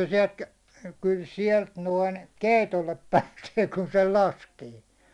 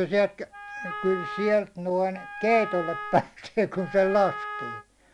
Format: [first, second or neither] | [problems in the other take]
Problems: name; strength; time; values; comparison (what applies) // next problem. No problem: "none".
first | background sound (Wind instrument, woodwind instrument); 11 dB below the speech